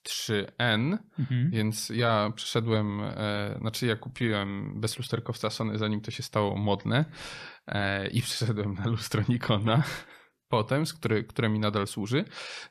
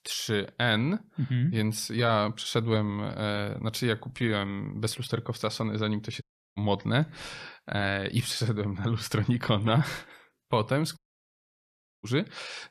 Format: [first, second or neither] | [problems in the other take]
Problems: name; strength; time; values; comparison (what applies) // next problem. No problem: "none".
first | audio cutting out; at 6 s and at 11 s for 1 s